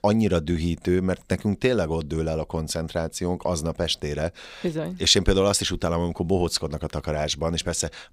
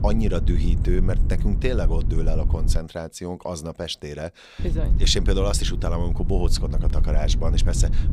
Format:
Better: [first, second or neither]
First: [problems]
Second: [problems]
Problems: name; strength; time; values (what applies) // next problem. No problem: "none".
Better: first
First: none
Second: low rumble; noticeable; until 3 s and from 4.5 s on; 10 dB below the speech